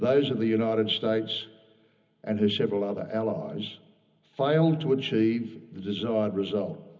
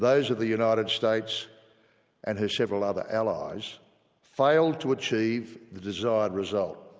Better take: second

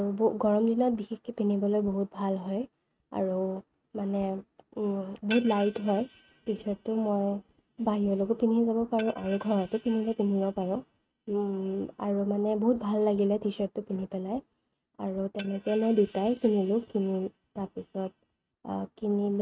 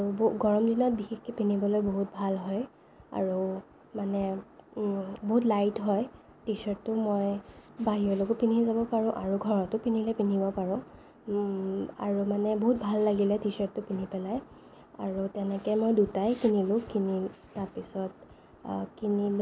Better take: second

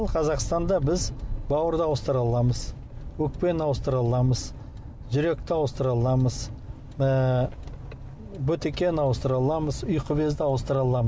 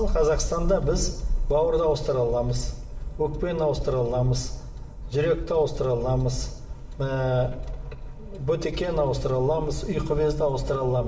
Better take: first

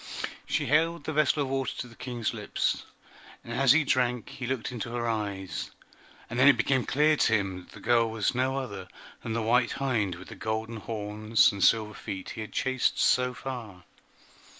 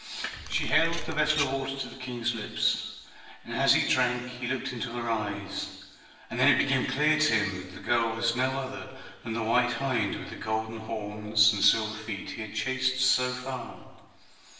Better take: first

